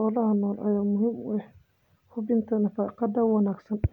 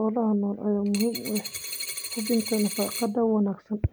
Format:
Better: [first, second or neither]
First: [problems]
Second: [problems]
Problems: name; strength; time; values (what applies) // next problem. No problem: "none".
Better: first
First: none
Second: background sound (Coin (dropping)); 8 dB below the speech